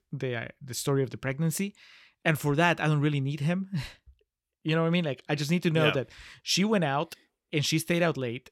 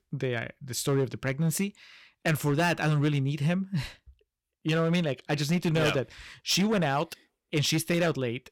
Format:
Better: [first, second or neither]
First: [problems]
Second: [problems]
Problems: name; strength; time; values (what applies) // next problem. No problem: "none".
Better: first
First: none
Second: distortion; slight; 7% of the sound clipped